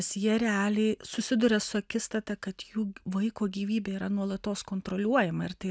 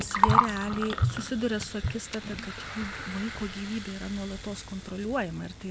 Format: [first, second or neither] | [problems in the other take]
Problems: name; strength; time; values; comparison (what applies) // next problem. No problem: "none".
first | background sound (Gurgling); 2 dB above the speech